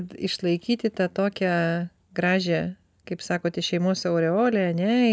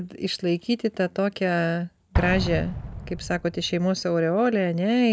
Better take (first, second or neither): first